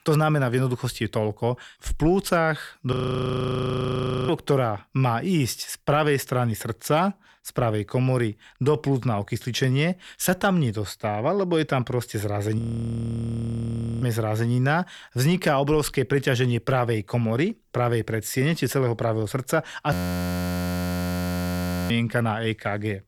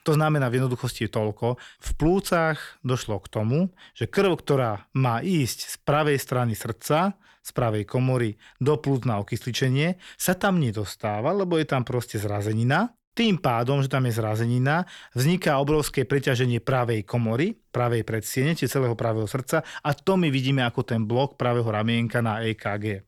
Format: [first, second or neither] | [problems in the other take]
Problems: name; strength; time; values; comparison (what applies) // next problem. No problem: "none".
second | audio freezing; at 3 s for 1.5 s, at 13 s for 1.5 s and at 20 s for 2 s